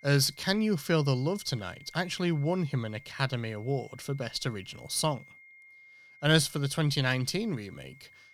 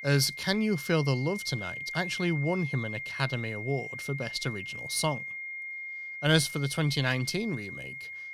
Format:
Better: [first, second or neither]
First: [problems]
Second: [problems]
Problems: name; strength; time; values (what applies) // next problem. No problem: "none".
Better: first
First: high-pitched whine; faint; throughout; 2 kHz, 25 dB below the speech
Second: high-pitched whine; loud; throughout; 2 kHz, 7 dB below the speech